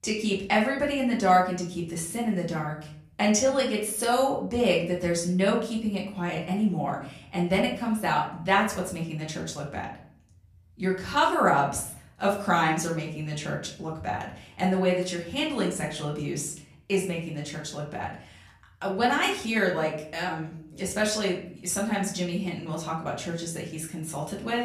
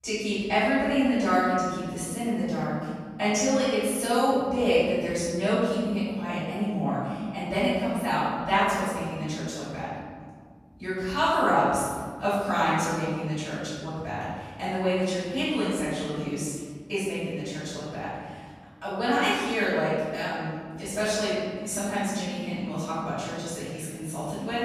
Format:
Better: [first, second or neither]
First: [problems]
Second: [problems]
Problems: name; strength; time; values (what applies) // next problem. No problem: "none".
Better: first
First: room echo; slight; dies away in 0.5 s // off-mic speech; far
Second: room echo; strong; dies away in 1.8 s // off-mic speech; far